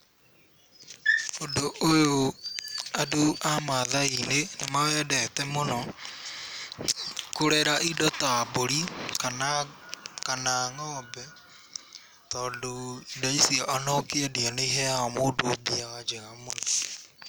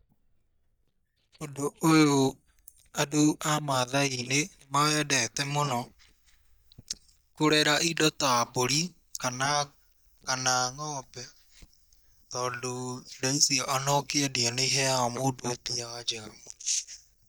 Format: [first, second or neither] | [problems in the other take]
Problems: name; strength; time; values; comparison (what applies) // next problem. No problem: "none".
first | noise reduction (neural mask model DeepFilterNet 3)